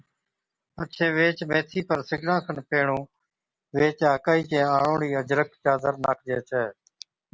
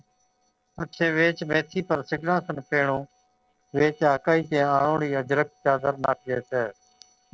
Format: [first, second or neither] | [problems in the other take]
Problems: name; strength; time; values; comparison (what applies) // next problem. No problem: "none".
first | noise reduction (neural separator model SepFormer DNS4)